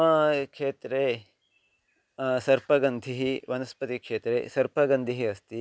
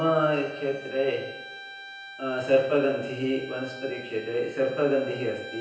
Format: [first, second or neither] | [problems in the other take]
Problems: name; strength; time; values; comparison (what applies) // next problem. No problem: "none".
first | background sound (Bowed string instrument); 15 dB below the speech // room echo; dies away in 0.9 s